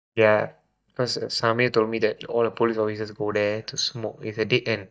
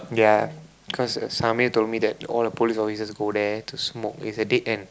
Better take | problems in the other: second | noise reduction (neural mask model DeepFilterNet 3)

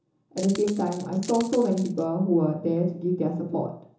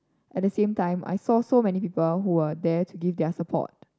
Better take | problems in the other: second | background sound (Coin (dropping)); 17 dB below the speech // room echo; dies away in 0.6 s

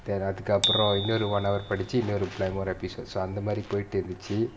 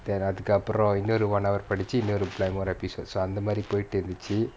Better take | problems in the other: second | background sound (Bicycle bell); 7 dB below the speech // room echo; dies away in 2.3 s

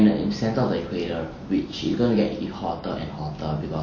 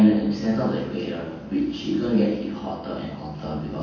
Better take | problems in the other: first | room echo; dies away in 0.9 s

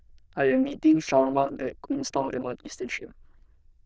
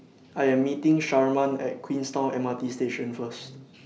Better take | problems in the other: second | noise reduction (neural diffusion model UNIVERSE++)

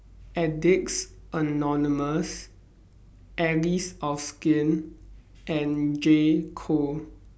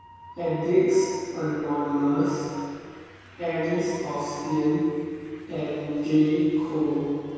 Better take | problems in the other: first | background sound (Train); 20 dB below the speech // room echo; dies away in 2.2 s

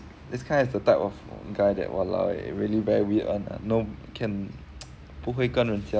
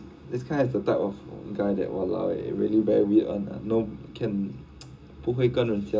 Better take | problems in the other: first | room echo; dies away in 0.2 s

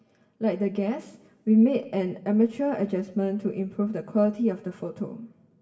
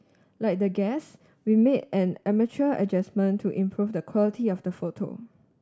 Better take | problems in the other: second | room echo; dies away in 0.7 s

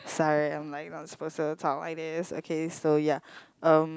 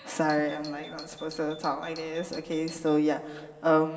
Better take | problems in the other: first | background sound (Doorbell); 20 dB below the speech // room echo; dies away in 2.2 s

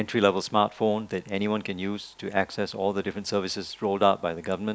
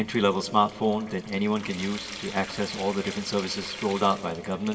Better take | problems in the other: first | background sound (Trickle, dribble / Sink (filling or washing) / Water tap, faucet); 14 dB below the speech // room echo; dies away in 1.5 s

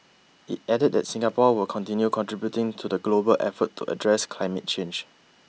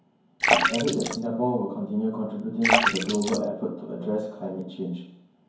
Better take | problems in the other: first | background sound (Splash, splatter); 1 dB above the speech // room echo; dies away in 0.9 s

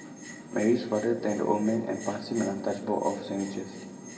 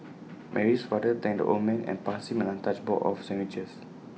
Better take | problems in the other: second | background sound (Bell); 19 dB below the speech // room echo; dies away in 2.2 s

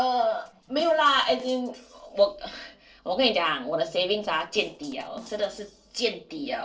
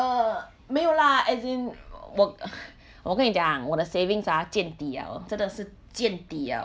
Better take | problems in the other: second | noise reduction (neural separator model SepFormer DNS4)

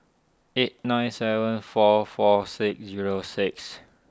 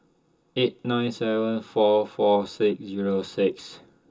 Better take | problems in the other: first | room echo; dies away in 0.2 s

